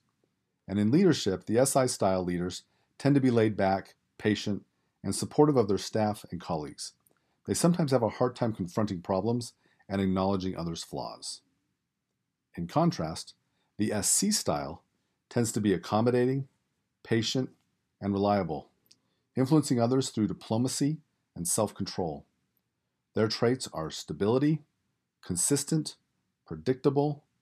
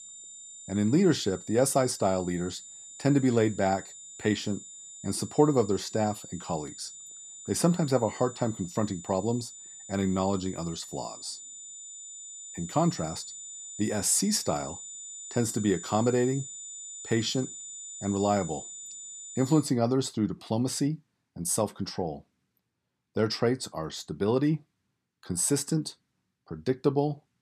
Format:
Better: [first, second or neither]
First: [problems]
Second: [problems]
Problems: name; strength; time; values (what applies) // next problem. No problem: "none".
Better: first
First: none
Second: high-pitched whine; noticeable; until 20 s; 7 kHz, 15 dB below the speech